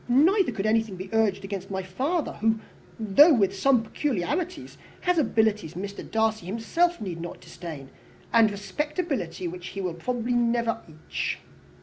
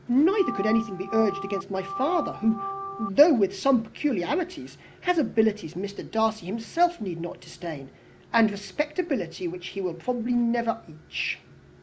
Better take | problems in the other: first | background sound (Organ); 8 dB below the speech

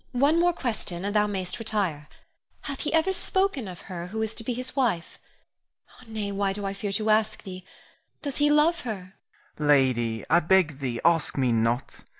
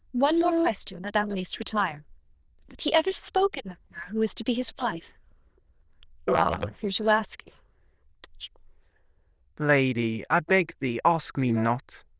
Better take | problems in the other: first | noise reduction (neural diffusion model UNIVERSE++)

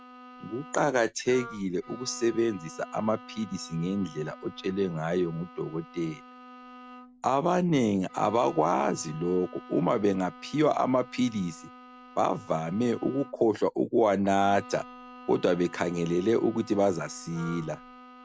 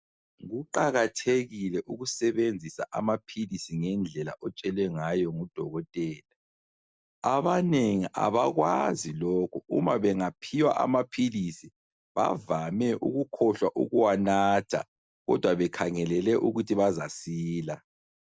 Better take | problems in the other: second | background sound (Wind instrument, woodwind instrument + Bowed string instrument); 19 dB below the speech

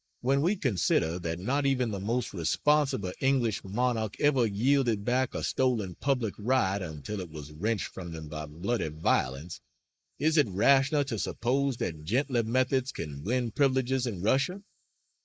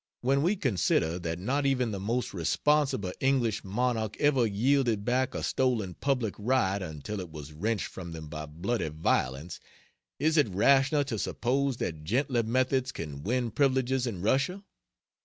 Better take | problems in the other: second | noise reduction (neural mask model Resemble Enhance denoiser)

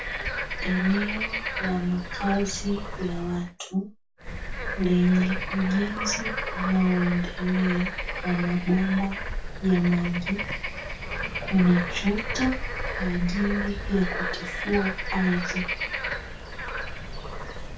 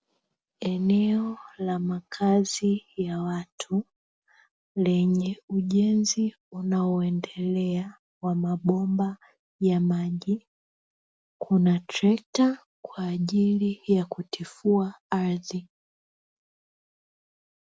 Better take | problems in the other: second | background sound (Bird / Frog); 4 dB below the speech // room echo; dies away in 0.2 s

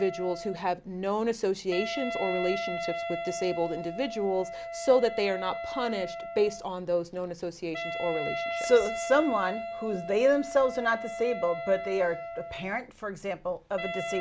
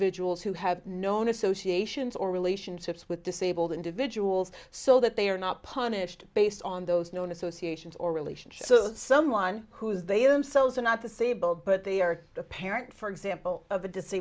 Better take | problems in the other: second | background sound (Wind instrument, woodwind instrument); 7 dB below the speech

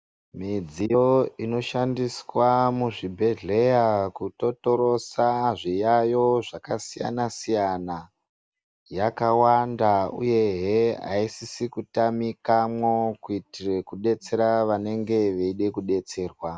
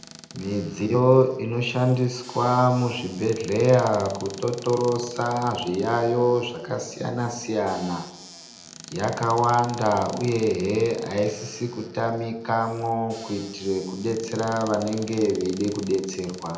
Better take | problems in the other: first | background sound (Squeak / Cupboard open or close); 19 dB below the speech // room echo; dies away in 0.7 s

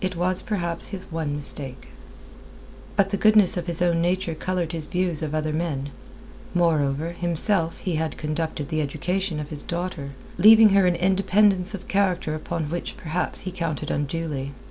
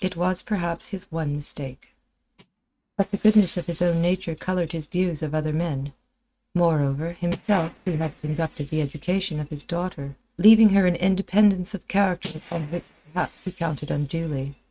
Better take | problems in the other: first | noise reduction (neural mask model RNNoise)

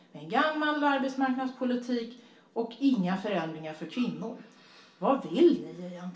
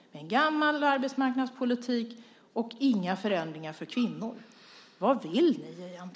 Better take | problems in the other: second | room echo; dies away in 0.3 s

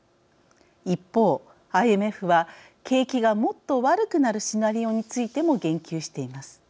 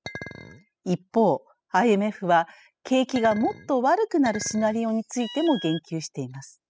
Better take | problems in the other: first | noise reduction (classical method spectral subtraction)

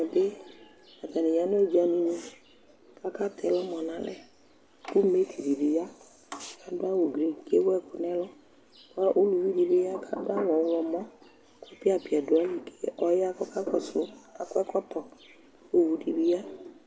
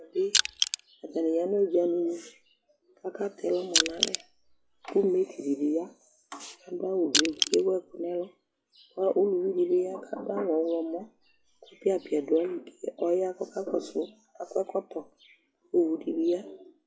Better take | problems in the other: first | noise reduction (classical method log-MMSE)

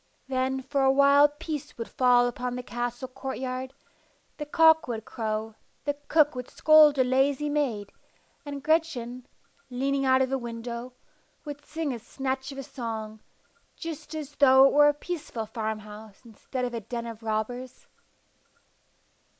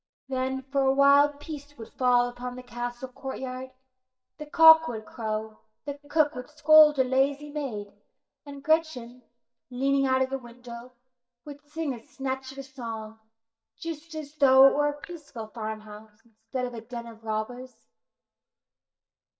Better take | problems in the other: first | noise reduction (neural mask model DeepFilterNet 3)

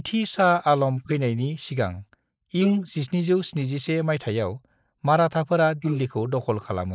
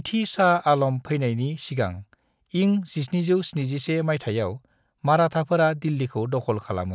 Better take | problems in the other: second | noise reduction (neural mask model Resemble Enhance denoiser)

